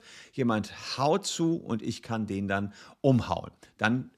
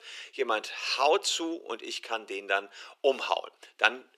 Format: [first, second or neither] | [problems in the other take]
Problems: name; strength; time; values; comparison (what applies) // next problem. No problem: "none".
first | thin; very; fading below 400 Hz